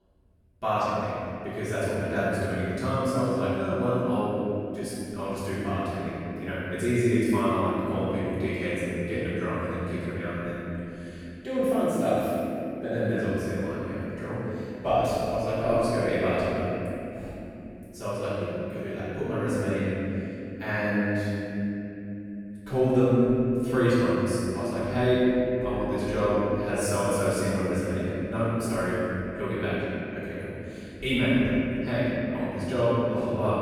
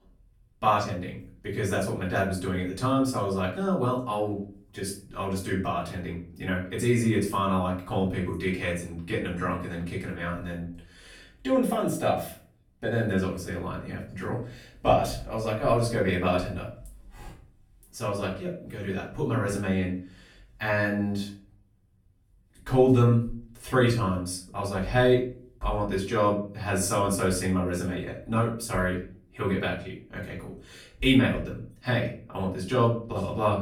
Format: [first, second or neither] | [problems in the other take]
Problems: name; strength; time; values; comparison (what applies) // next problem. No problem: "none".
second | room echo; strong; dies away in 3 s; slight in the second // off-mic speech; far; far in the second